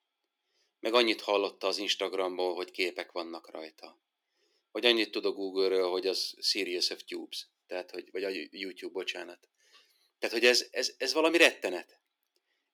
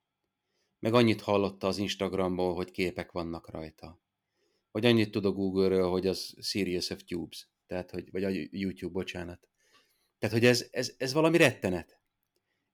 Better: second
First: thin; somewhat; fading below 300 Hz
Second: none

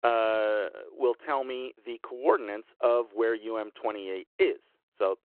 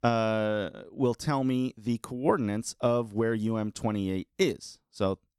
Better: second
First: phone-call audio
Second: none

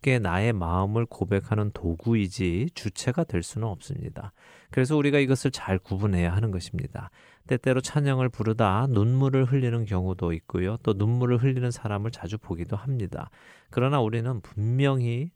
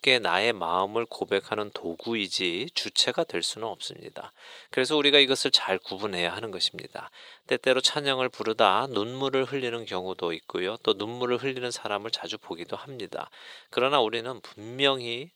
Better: first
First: none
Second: thin; very; fading below 500 Hz

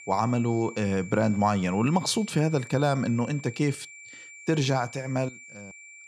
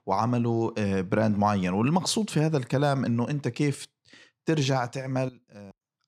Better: second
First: high-pitched whine; noticeable; throughout; 2.5 kHz, 15 dB below the speech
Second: none

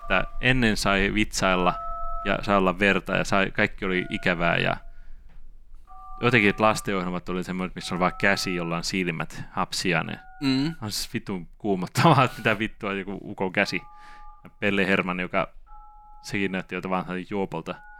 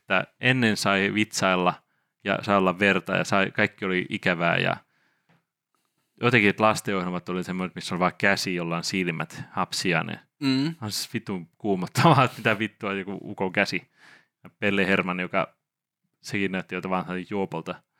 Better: second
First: alarms or sirens; noticeable; throughout; 20 dB below the speech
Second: none

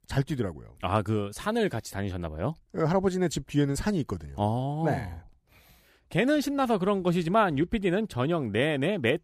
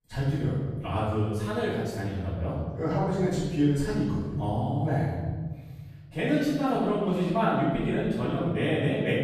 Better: first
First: none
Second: room echo; strong; dies away in 1.7 s // off-mic speech; far

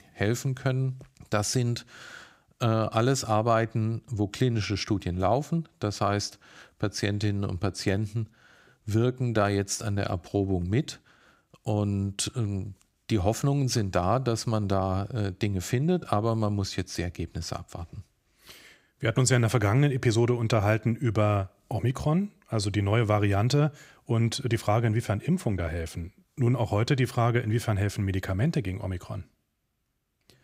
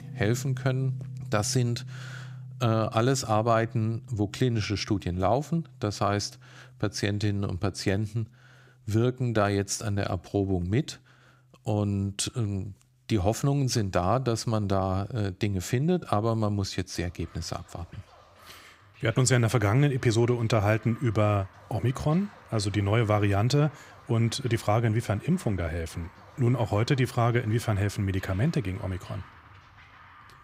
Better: first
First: none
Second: background music; noticeable; throughout; 20 dB below the speech

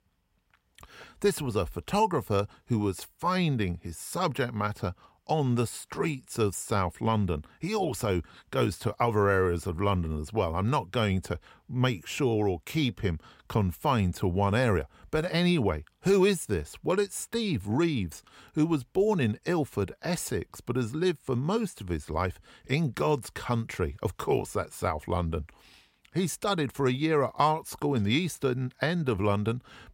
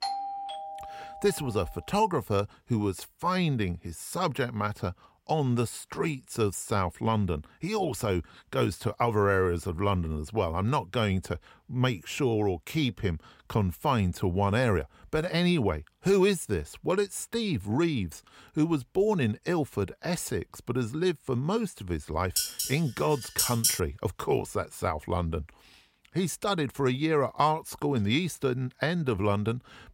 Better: first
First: none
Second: doorbell; noticeable; until 1.5 s; peak 4 dB below the speech // clattering dishes; loud; from 22 to 24 s; peak 5 dB above the speech

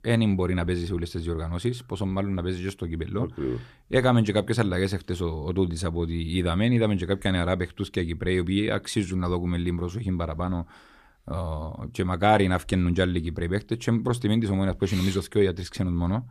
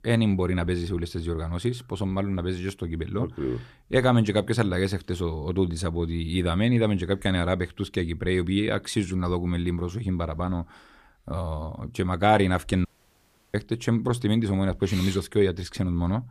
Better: first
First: none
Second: audio cutting out; at 13 s for 0.5 s

